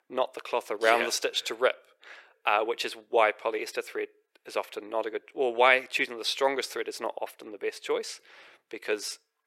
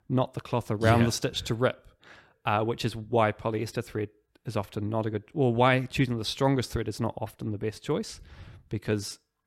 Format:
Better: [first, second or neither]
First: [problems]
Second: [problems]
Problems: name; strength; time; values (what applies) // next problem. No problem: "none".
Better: second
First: thin; very; fading below 450 Hz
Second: none